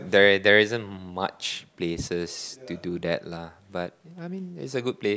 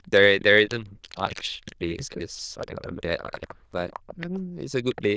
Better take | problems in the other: first | noise reduction (neural diffusion model UNIVERSE++)

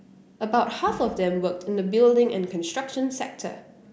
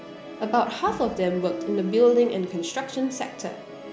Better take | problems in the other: first | background sound (Musical instrument); 13 dB below the speech

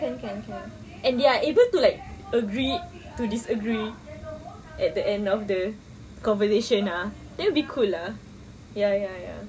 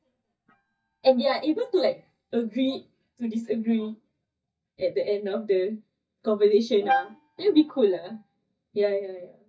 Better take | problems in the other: first | noise reduction (neural mask model DeepFilterNet 3)

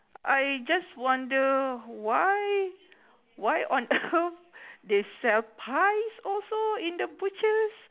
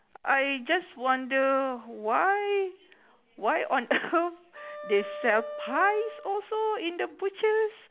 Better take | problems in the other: first | background sound (Wind instrument, woodwind instrument); 12 dB below the speech

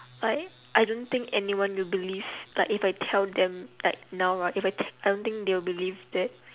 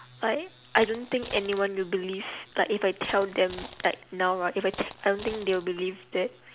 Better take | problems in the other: first | background sound (Coin (dropping)); 16 dB below the speech

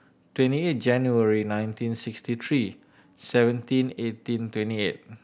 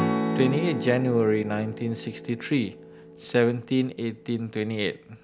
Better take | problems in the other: first | background sound (Strum); 6 dB below the speech

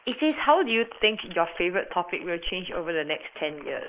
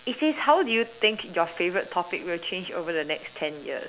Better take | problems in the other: second | noise reduction (neural mask model Resemble Enhance denoiser)

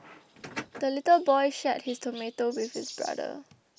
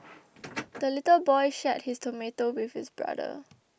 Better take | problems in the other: second | background sound (Chirp, tweet); 20 dB below the speech

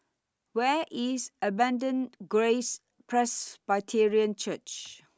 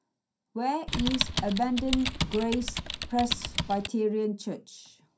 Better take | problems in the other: first | background sound (Typing); 2 dB below the speech // room echo; dies away in 0.3 s

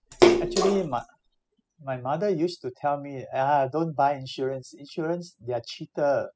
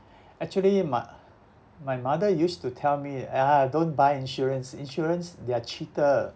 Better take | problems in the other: second | noise reduction (classical method spectral subtraction)

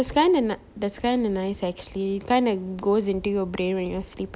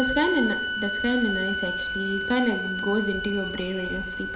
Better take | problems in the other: first | background sound (Bowed string instrument); 3 dB below the speech // room echo; dies away in 1.7 s

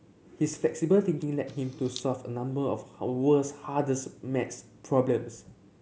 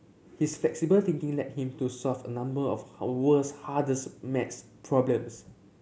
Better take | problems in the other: second | background sound (Camera); 18 dB below the speech

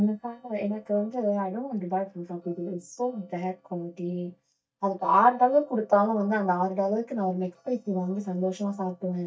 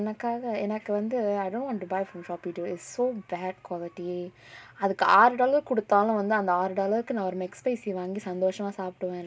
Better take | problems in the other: second | noise reduction (neural mask model DeepFilterNet 3)

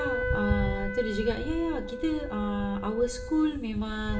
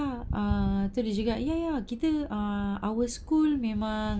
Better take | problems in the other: second | background sound (Wind instrument, woodwind instrument); 7 dB below the speech // room echo; dies away in 0.6 s

